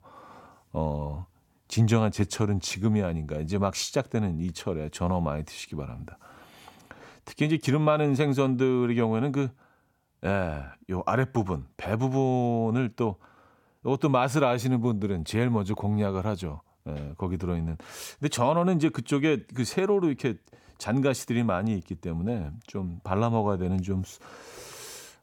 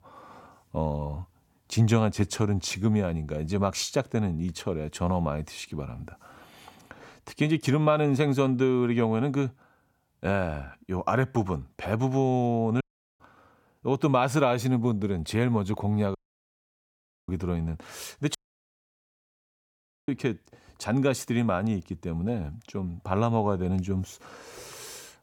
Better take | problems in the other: first | audio cutting out; at 13 s, at 16 s for 1 s and at 18 s for 1.5 s

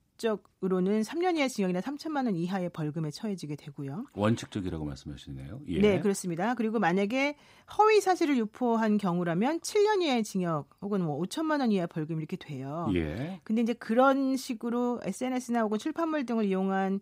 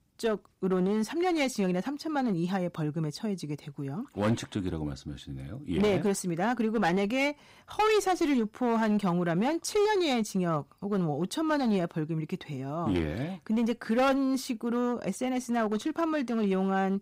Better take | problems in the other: first | distortion; slight; 8% of the sound clipped

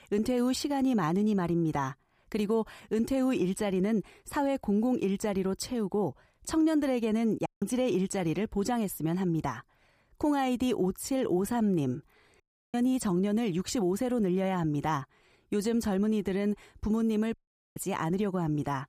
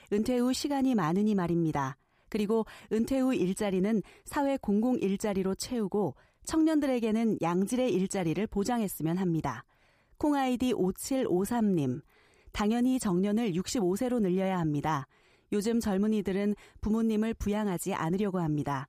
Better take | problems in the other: second | audio cutting out; at 7.5 s, at 12 s and at 17 s

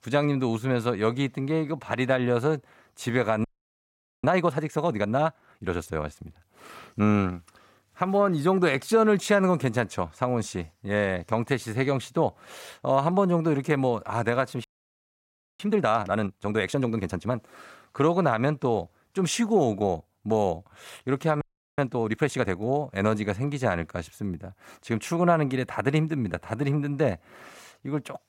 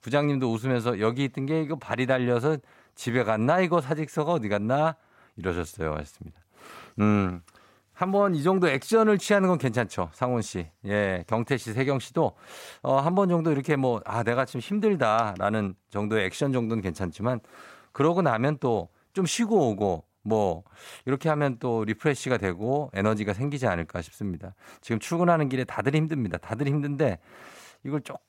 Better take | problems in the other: second | audio freezing; at 3.5 s for 1 s, at 15 s for 1 s and at 21 s

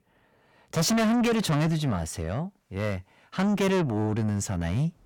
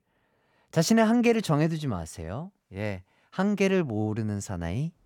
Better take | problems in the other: second | distortion; heavy; 6 dB below the speech

